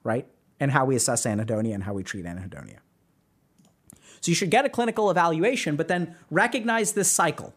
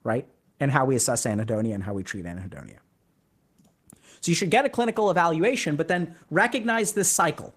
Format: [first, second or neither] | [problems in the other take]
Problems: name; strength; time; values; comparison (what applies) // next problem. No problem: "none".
first | garbled, watery; slightly; nothing above 14.5 kHz